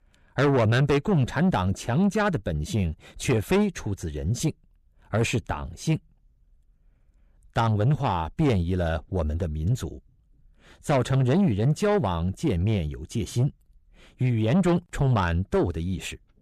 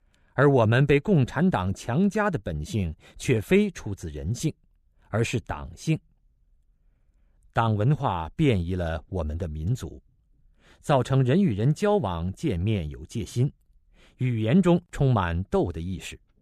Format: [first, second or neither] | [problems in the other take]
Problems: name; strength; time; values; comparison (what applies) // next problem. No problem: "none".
second | distortion; slight; 10 dB below the speech